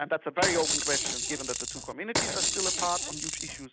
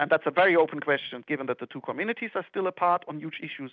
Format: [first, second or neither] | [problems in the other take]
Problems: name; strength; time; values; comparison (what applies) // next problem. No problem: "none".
second | background sound (Rattle / Rattle (instrument)); 3 dB above the speech